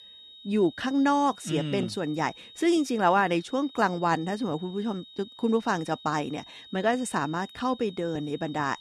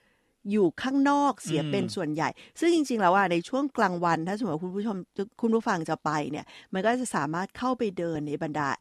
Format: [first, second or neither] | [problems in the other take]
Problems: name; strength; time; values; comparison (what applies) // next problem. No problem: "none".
second | high-pitched whine; noticeable; throughout; 3.5 kHz, 20 dB below the speech